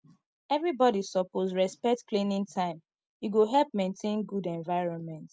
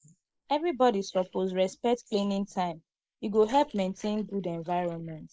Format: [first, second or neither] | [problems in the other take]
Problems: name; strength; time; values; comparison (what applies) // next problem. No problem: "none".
first | noise reduction (neural mask model Resemble Enhance denoiser)